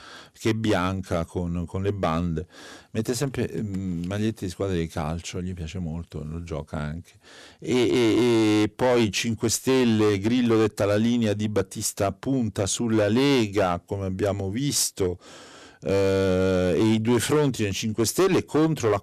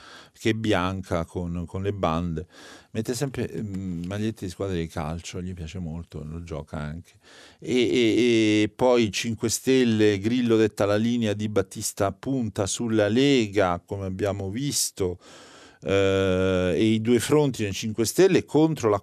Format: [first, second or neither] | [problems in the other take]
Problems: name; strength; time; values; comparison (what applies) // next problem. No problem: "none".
second | distortion; slight; 8% of the sound clipped